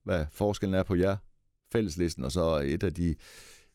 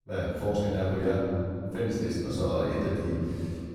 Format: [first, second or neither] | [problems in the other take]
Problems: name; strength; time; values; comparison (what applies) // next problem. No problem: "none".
first | off-mic speech; far // room echo; strong; dies away in 3 s